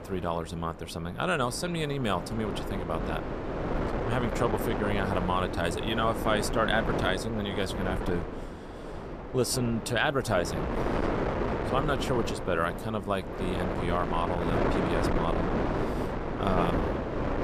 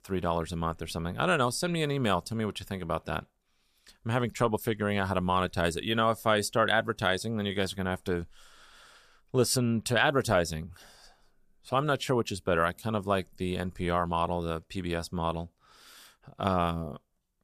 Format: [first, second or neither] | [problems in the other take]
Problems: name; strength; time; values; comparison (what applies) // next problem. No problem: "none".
second | wind noise on the microphone; heavy; 3 dB below the speech